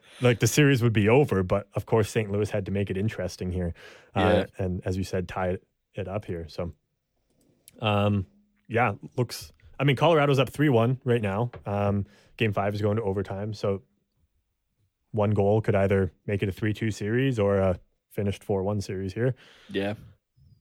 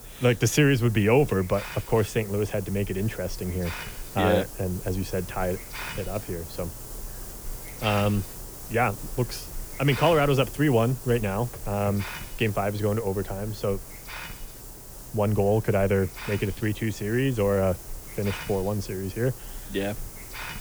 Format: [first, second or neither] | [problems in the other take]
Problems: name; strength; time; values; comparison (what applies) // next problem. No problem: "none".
first | hiss; noticeable; throughout; 10 dB below the speech